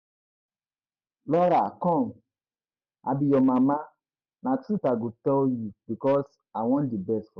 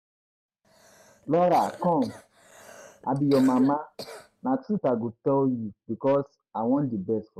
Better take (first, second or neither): first